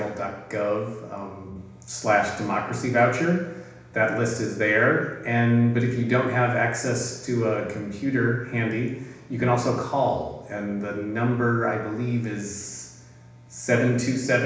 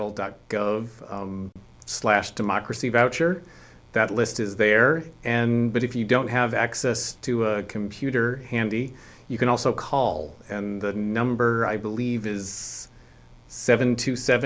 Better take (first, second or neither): second